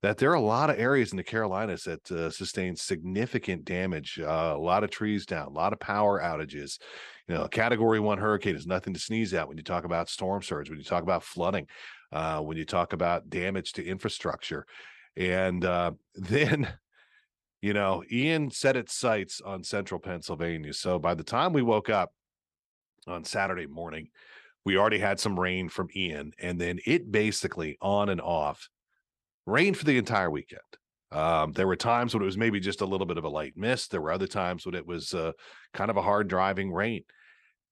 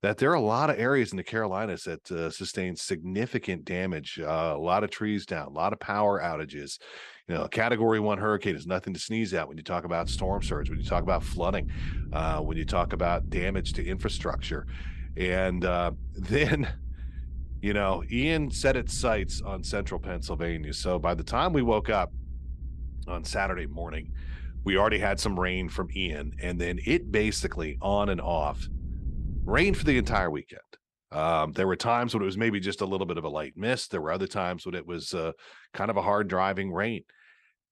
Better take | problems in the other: first | low rumble; faint; from 10 to 30 s; 25 dB below the speech

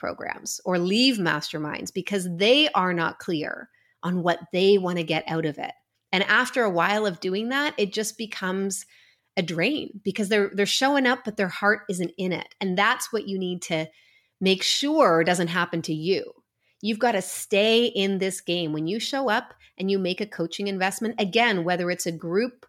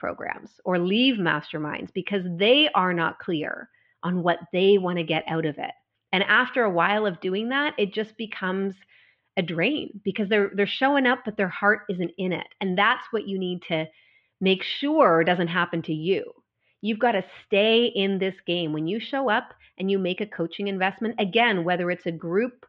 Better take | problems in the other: first | muffled; very; fading above 3 kHz

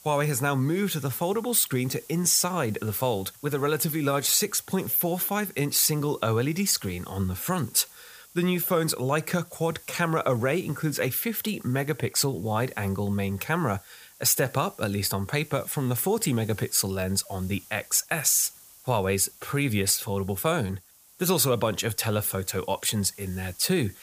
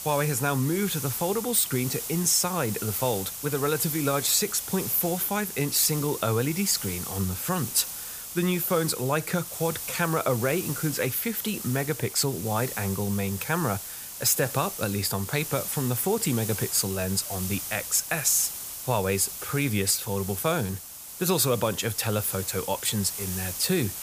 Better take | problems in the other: first | hiss; loud; throughout; 7 dB below the speech; faint in the first

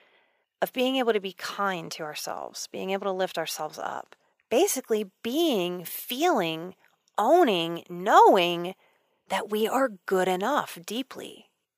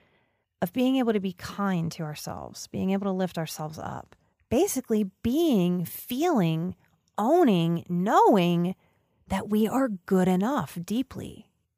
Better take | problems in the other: second | thin; somewhat; fading below 450 Hz

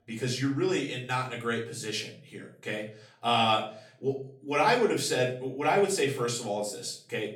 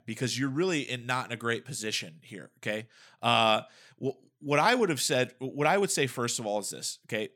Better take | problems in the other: second | room echo; slight; dies away in 0.4 s // off-mic speech; far

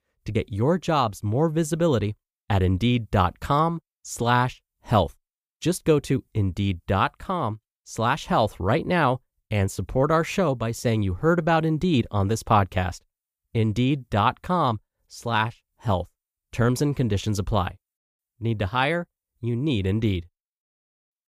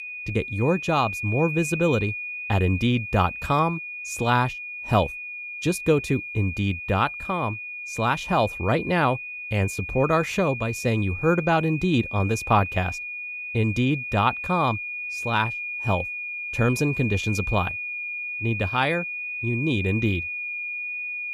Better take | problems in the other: first | high-pitched whine; loud; throughout; 2.5 kHz, 6 dB below the speech

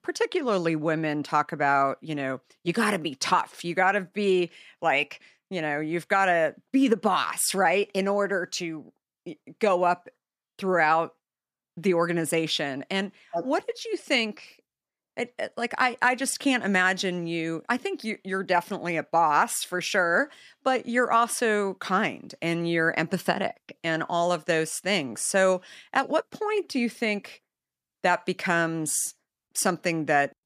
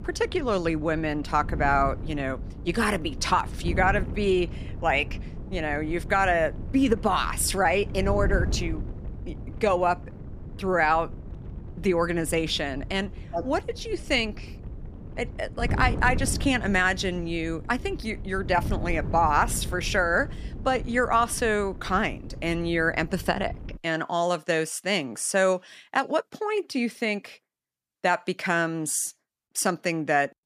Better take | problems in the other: first | wind noise on the microphone; occasional gusts; until 24 s; 20 dB below the speech

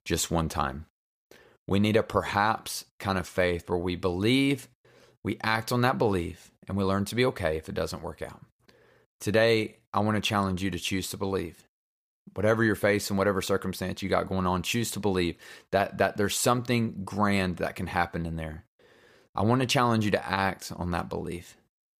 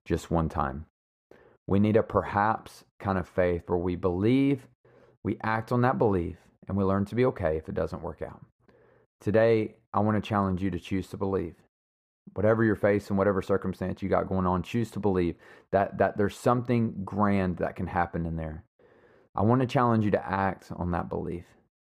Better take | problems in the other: first | muffled; very; fading above 2.5 kHz

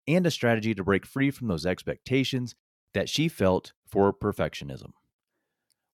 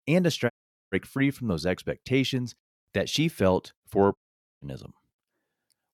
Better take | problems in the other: first | audio cutting out; at 0.5 s and at 4 s

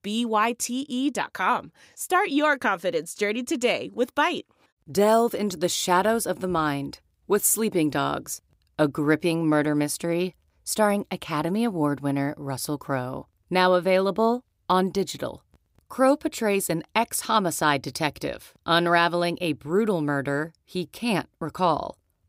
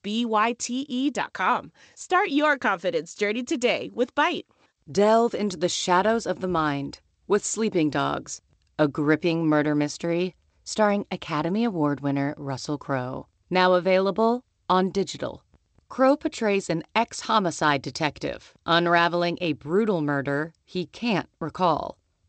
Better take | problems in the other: first | garbled, watery; slightly; nothing above 8 kHz

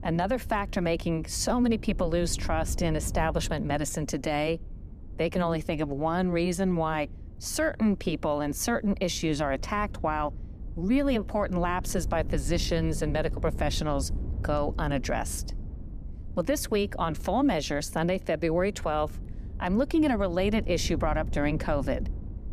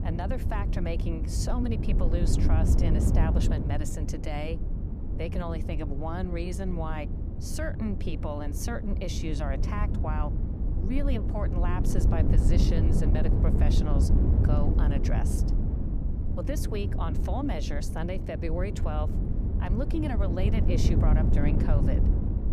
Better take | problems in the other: first | wind noise on the microphone; heavy; 3 dB below the speech; occasional gusts in the first

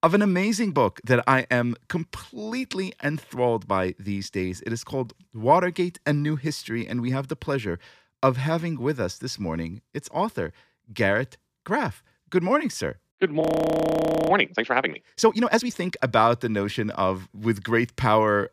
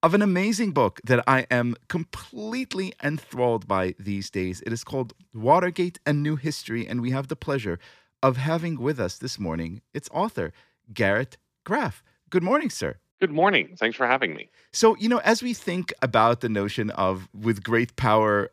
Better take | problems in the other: second | audio freezing; at 13 s for 1 s

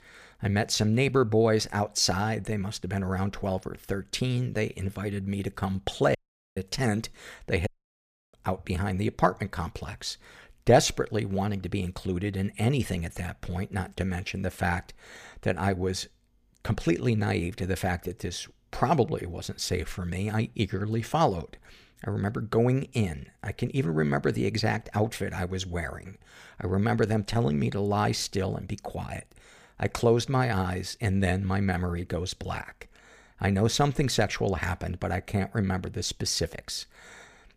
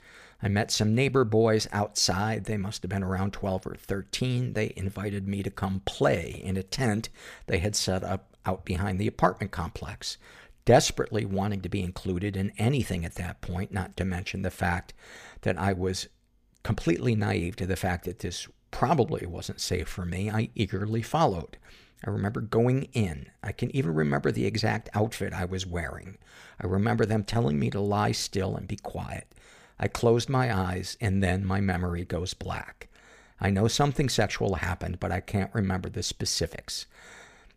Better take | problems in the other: second | audio cutting out; at 6 s and at 7.5 s for 0.5 s

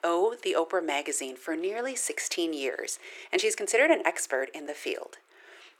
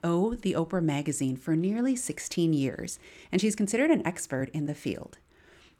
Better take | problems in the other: second | thin; very; fading below 400 Hz

